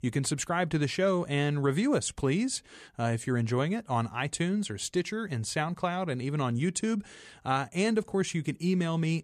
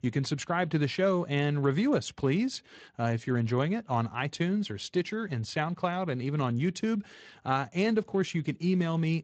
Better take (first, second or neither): first